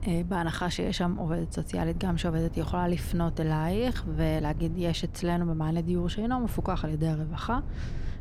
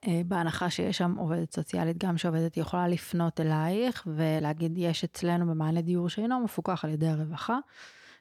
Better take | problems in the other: second | low rumble; noticeable; throughout; 20 dB below the speech

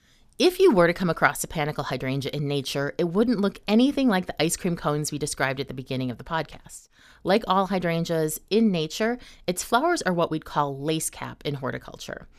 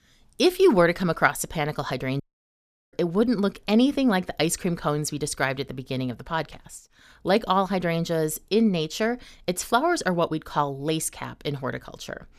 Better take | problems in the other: first | audio cutting out; at 2 s for 0.5 s

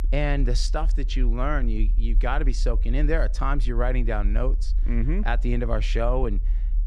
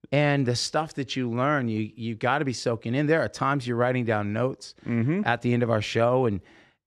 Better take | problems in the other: second | low rumble; faint; throughout; 20 dB below the speech

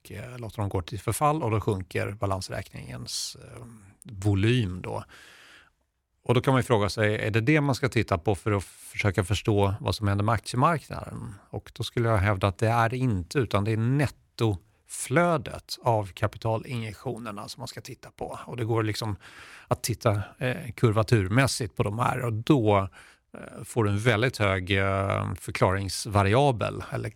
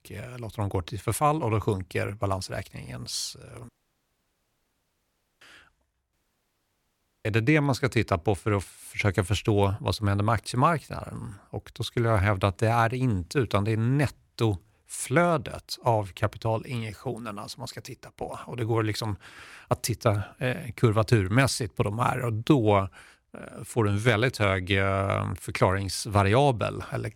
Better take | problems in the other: first | audio cutting out; at 3.5 s for 1.5 s and at 6 s for 1 s

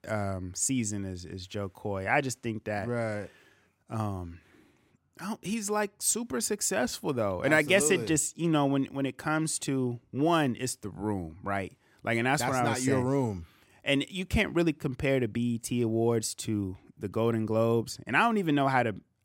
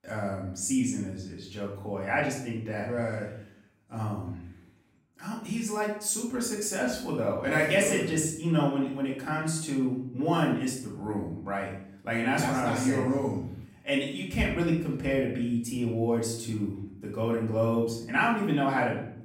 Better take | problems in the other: first | off-mic speech; far // room echo; noticeable; dies away in 0.5 s

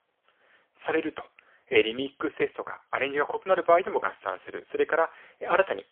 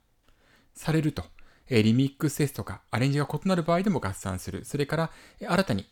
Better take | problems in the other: second | phone-call audio; poor line; nothing above 3.5 kHz

